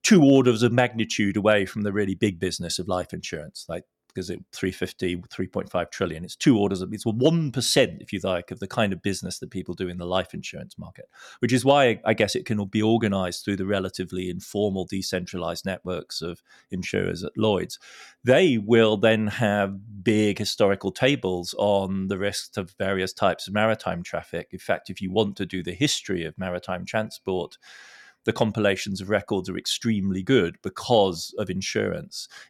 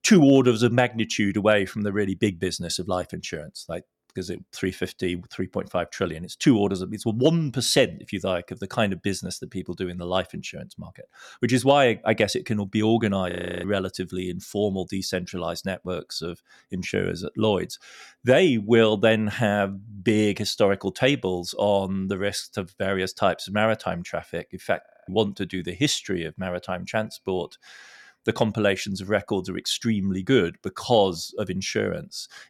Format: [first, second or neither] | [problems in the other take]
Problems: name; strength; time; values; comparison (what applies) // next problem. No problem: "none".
first | audio freezing; at 13 s and at 25 s